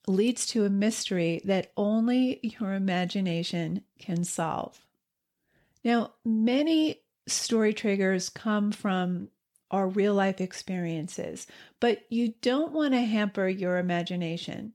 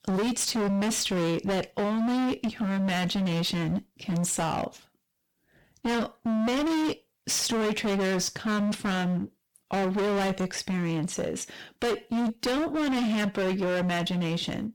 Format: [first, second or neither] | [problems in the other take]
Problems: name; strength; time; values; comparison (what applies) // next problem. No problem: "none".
first | distortion; heavy; 33% of the sound clipped